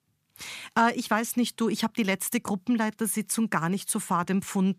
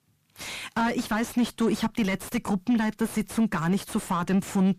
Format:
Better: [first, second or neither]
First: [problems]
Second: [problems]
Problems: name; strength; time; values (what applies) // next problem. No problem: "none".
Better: first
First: none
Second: distortion; heavy; 6 dB below the speech